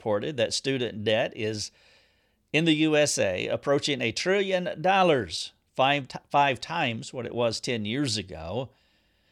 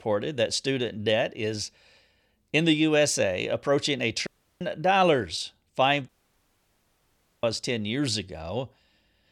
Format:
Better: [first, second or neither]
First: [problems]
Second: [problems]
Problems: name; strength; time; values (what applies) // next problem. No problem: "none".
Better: first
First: none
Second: audio cutting out; at 4.5 s and at 6 s for 1.5 s